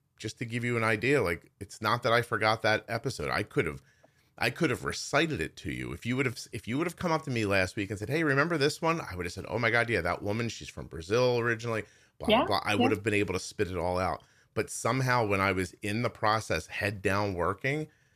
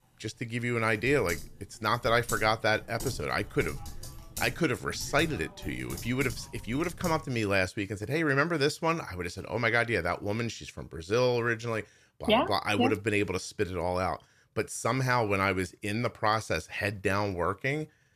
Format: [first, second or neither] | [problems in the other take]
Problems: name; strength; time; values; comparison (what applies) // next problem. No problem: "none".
first | keyboard typing; noticeable; from 1 to 7.5 s; peak 9 dB below the speech